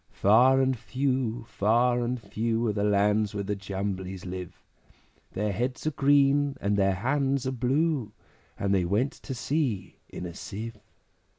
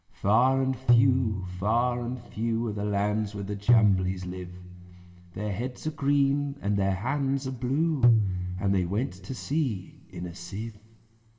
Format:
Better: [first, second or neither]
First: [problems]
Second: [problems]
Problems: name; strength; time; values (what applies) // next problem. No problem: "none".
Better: first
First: none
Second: background sound (Tabla); 1 dB below the speech // room echo; dies away in 1.4 s